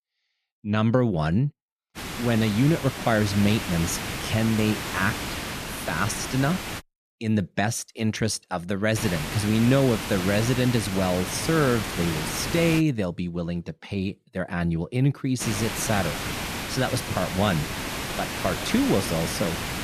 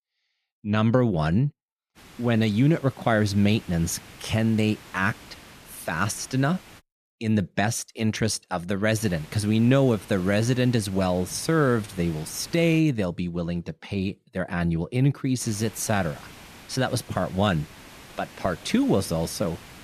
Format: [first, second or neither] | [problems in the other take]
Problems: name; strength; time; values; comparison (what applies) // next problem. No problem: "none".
second | hiss; loud; from 2 to 7 s, from 9 to 13 s and from 15 s on; 5 dB below the speech; faint in the second